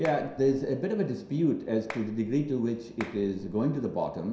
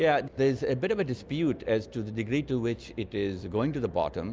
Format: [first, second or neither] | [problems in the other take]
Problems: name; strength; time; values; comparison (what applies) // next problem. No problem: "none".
second | background sound (Clapping); 17 dB below the speech // room echo; dies away in 0.7 s